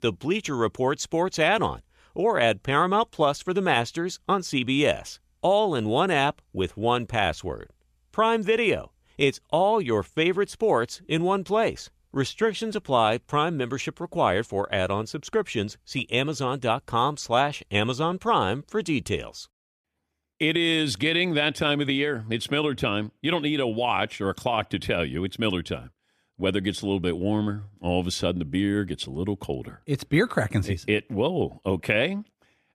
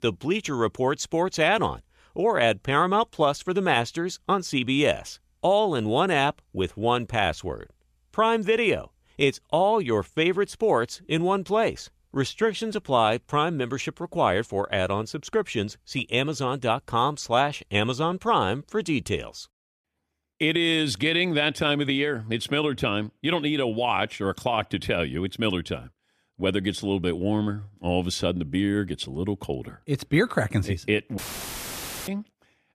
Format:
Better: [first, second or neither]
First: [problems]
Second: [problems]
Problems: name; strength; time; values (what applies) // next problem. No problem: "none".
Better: first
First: none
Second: audio cutting out; filled with static; at 31 s for 1 s